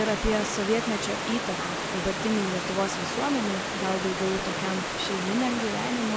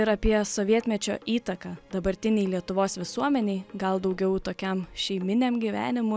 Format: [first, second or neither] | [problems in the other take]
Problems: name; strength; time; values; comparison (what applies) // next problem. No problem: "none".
second | background sound (Stream / Liquid); 2 dB below the speech